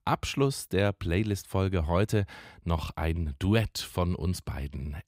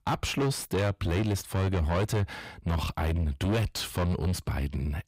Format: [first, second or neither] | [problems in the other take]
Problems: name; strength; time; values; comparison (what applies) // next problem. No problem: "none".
first | distortion; heavy; 6 dB below the speech